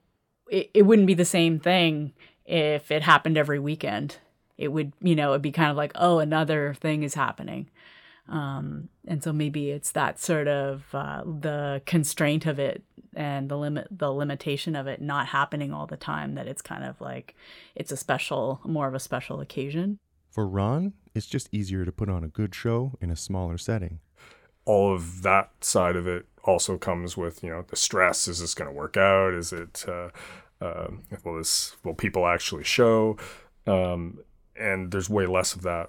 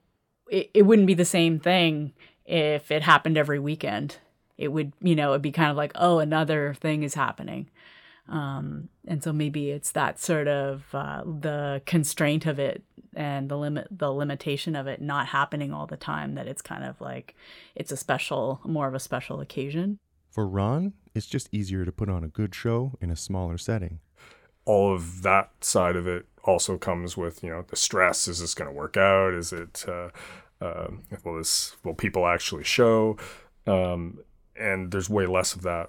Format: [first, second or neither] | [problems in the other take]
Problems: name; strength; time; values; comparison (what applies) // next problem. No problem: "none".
neither | none